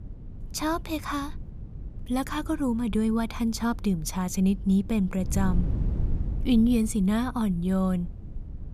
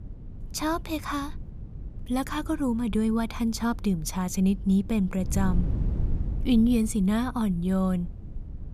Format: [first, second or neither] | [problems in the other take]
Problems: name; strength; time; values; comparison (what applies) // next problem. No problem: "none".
neither | wind noise on the microphone; occasional gusts; 20 dB below the speech; the same in both